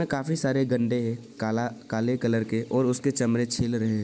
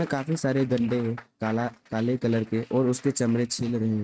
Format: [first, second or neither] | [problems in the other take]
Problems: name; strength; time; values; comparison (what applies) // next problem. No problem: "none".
first | noise reduction (neural mask model RNNoise)